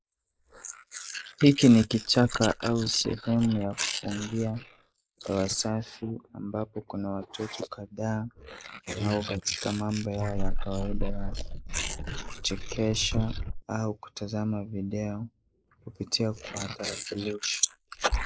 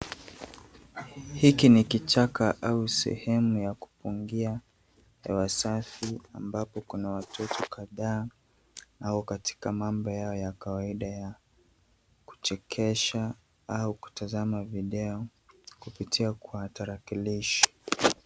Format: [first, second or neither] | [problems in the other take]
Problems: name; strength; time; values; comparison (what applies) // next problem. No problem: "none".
second | noise reduction (neural mask model Resemble Enhance denoiser)